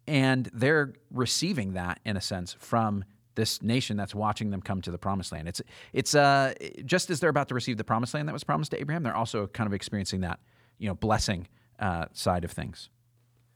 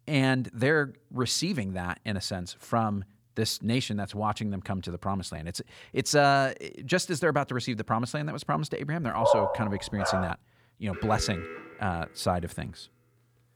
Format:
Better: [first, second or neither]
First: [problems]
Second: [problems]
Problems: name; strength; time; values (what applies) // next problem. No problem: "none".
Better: first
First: none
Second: dog barking; loud; from 9 to 10 s; peak 5 dB above the speech // alarm; noticeable; from 11 to 12 s; peak 10 dB below the speech